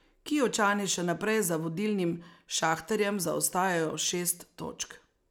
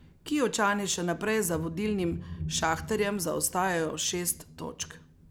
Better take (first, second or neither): first